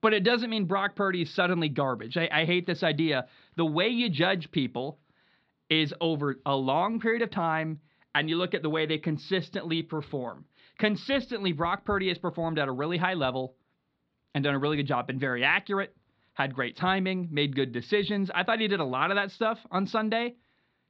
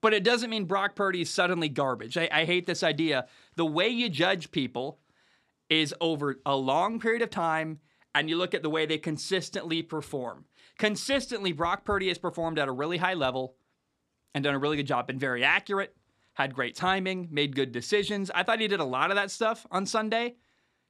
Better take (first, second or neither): second